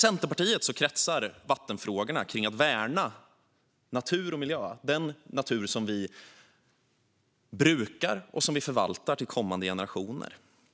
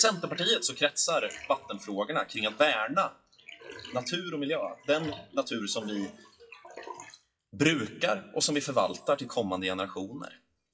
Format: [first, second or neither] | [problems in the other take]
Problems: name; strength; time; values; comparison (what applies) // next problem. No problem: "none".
first | noise reduction (classical method WPE with log-MMSE)